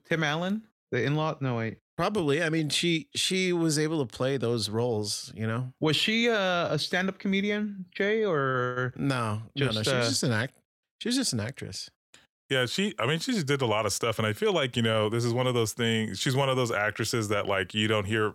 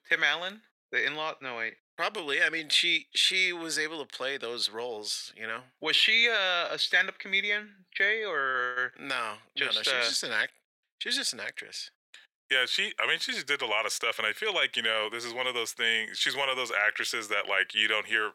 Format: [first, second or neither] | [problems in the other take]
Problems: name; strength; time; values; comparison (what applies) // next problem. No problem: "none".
first | thin; very; fading below 500 Hz